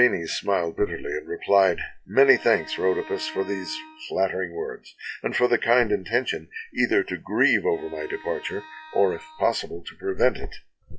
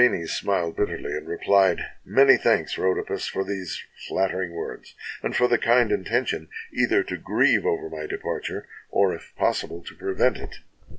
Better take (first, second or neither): second